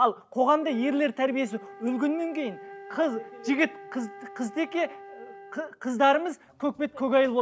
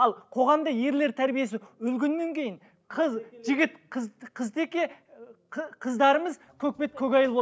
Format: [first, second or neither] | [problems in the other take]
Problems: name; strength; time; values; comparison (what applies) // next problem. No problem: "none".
second | background sound (Wind instrument, woodwind instrument); 19 dB below the speech